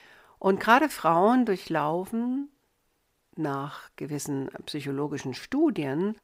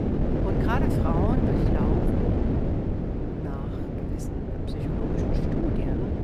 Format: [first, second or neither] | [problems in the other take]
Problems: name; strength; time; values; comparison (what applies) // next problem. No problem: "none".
first | wind noise on the microphone; heavy; 5 dB above the speech